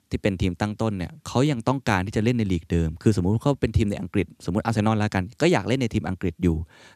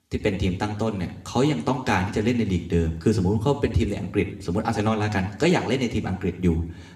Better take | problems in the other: first | room echo; slight; dies away in 0.8 s

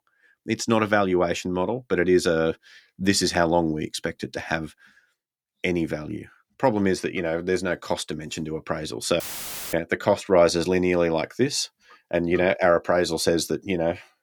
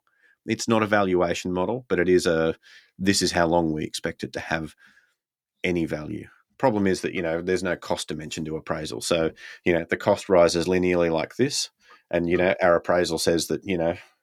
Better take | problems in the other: second | audio cutting out; filled with static; at 9 s for 0.5 s

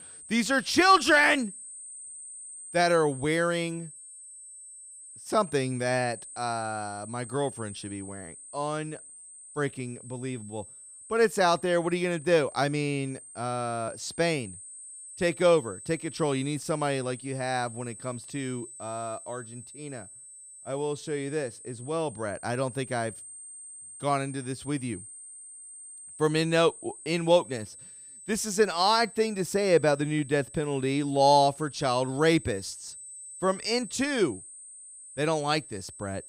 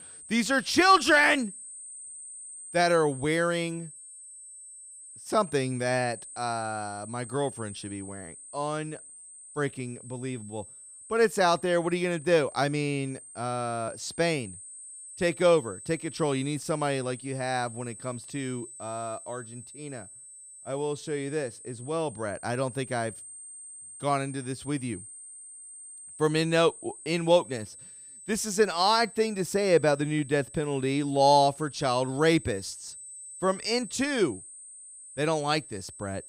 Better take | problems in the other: neither | high-pitched whine; noticeable; throughout; 8.5 kHz, 15 dB below the speech; the same in both

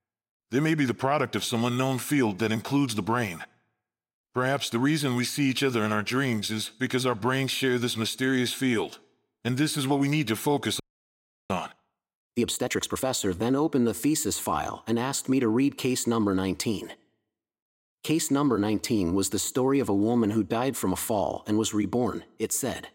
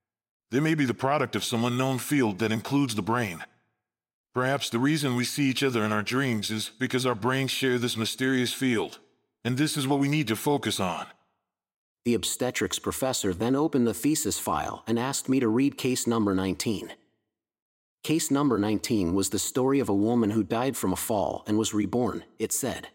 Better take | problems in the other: second | audio freezing; at 11 s for 0.5 s

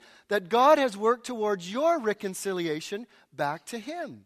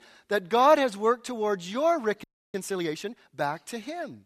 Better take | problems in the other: first | audio freezing; at 2 s

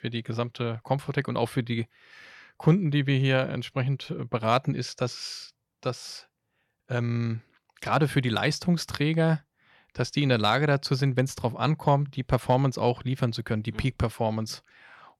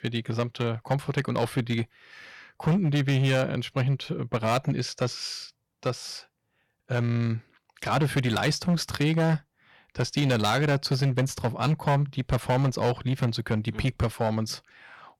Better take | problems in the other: first | distortion; slight; 8% of the sound clipped

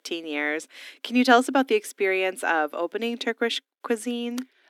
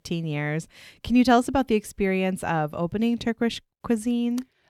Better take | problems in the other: second | thin; very slightly; fading below 250 Hz

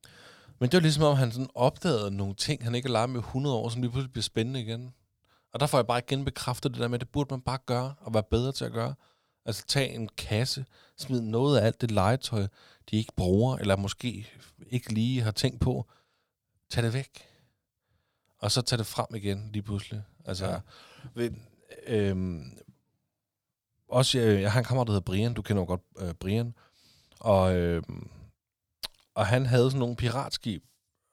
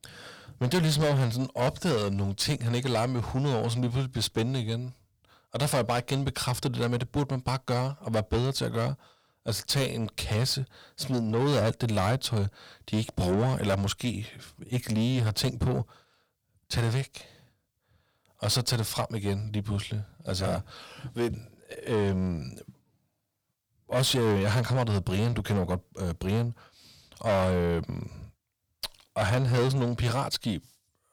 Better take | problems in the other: first | distortion; heavy; 7 dB below the speech

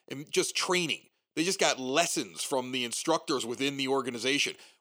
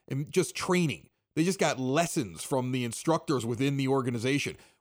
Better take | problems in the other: second | thin; very slightly; fading below 300 Hz

